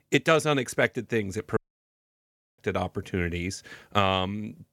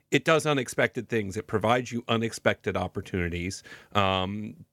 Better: second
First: audio cutting out; at 1.5 s for 1 s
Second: none

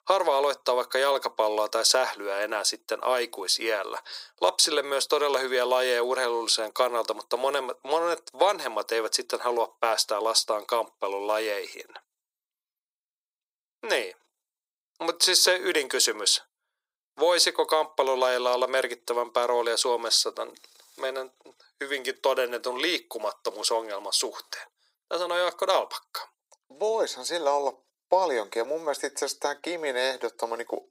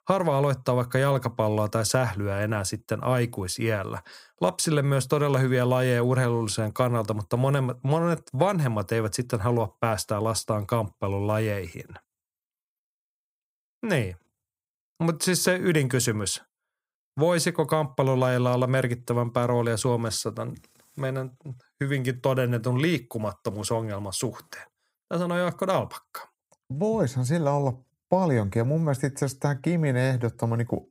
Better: second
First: thin; very; fading below 400 Hz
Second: none

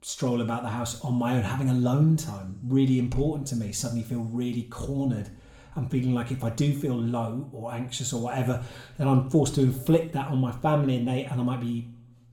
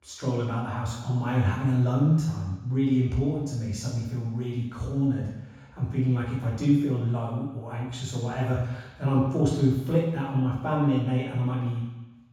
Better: first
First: room echo; slight; dies away in 0.6 s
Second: room echo; strong; dies away in 1.1 s // off-mic speech; far

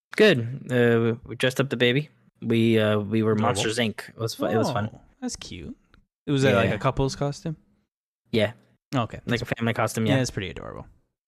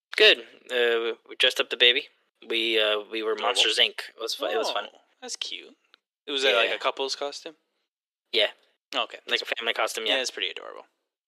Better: first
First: none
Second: thin; very; fading below 350 Hz

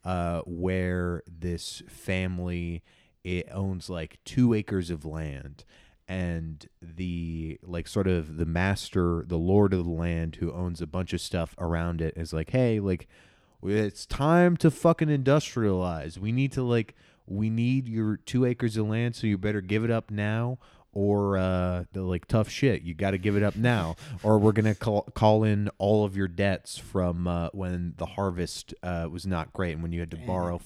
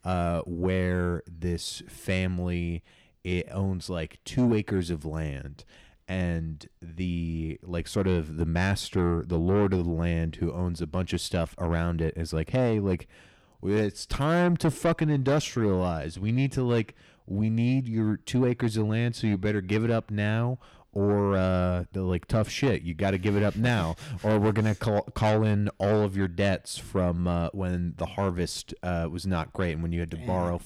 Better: first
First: none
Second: distortion; slight; 10 dB below the speech

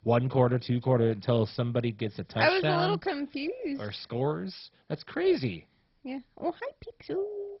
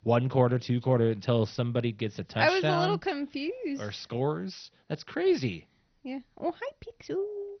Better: second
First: garbled, watery; badly; nothing above 5.5 kHz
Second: garbled, watery; slightly; nothing above 6 kHz

